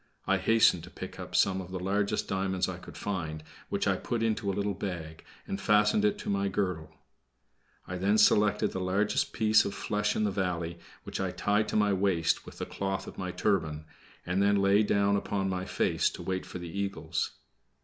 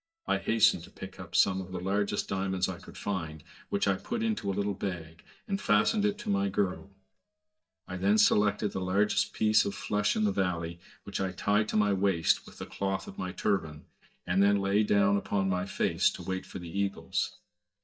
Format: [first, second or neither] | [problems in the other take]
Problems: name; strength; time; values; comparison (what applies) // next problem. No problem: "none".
first | noise reduction (neural mask model DeepFilterNet 3)